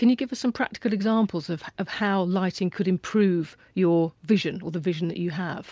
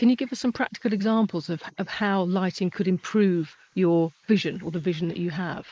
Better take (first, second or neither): first